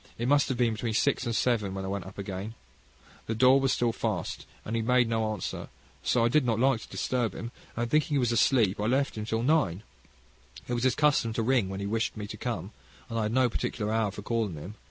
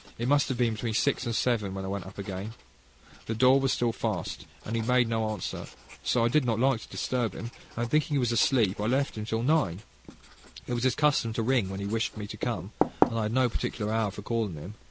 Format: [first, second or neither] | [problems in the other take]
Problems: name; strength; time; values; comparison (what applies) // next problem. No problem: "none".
first | background sound (Writing); 12 dB below the speech